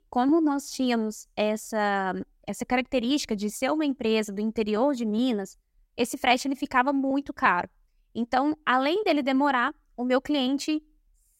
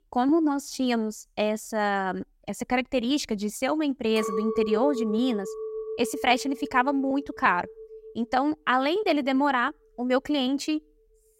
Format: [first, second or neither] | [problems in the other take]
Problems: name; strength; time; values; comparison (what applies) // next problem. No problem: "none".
first | clattering dishes; noticeable; from 4 to 8 s; peak 3 dB below the speech